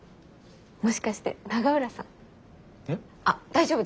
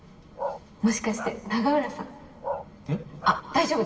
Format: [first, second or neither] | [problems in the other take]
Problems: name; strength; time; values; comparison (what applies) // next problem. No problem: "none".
first | background sound (Bark); 9 dB below the speech // room echo; dies away in 2 s